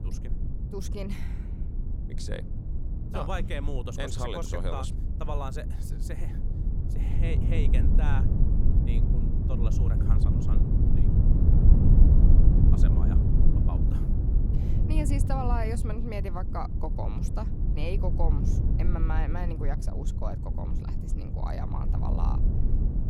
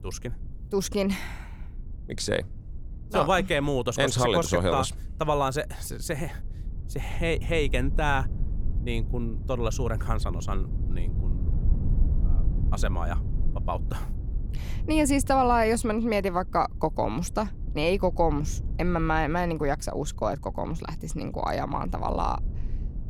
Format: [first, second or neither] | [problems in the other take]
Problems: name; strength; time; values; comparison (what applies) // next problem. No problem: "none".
second | low rumble; loud; throughout; 2 dB below the speech; faint in the second